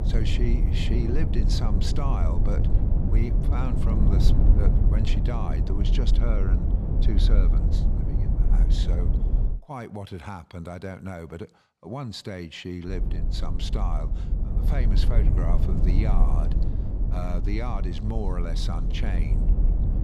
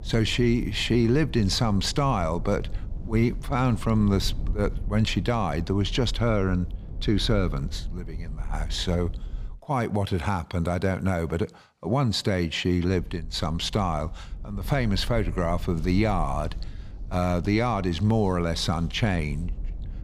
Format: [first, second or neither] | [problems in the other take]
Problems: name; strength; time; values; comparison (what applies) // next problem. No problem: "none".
second | low rumble; loud; until 9.5 s and from 13 s on; 3 dB below the speech; faint in the second